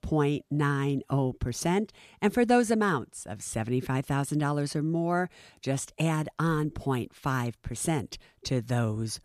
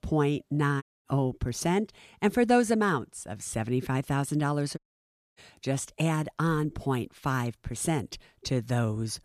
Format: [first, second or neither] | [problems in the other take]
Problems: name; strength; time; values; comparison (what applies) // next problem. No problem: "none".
first | audio cutting out; at 1 s and at 5 s for 0.5 s